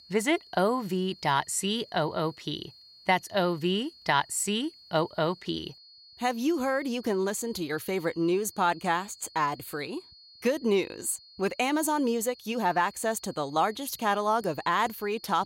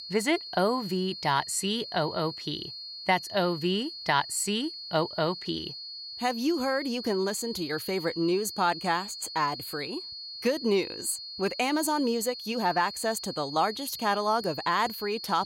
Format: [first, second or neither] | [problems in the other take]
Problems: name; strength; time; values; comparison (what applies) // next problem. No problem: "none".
first | high-pitched whine; loud; throughout; 4.5 kHz, 9 dB below the speech; faint in the first